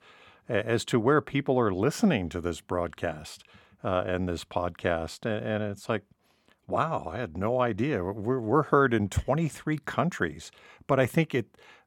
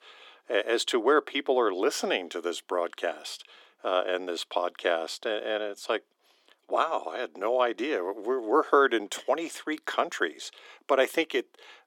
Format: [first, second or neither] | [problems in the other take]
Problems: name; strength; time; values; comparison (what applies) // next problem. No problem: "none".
first | thin; somewhat; fading below 300 Hz